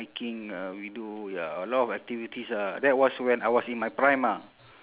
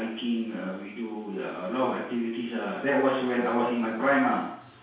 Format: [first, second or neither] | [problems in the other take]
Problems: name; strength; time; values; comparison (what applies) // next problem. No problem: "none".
first | room echo; dies away in 0.6 s